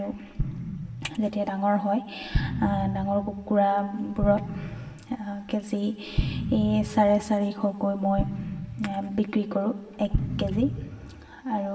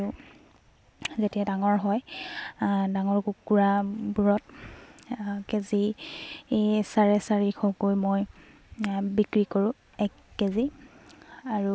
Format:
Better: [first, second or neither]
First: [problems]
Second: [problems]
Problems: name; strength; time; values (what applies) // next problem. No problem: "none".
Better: second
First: background sound (Explosion); 6 dB below the speech // room echo; dies away in 1.3 s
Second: none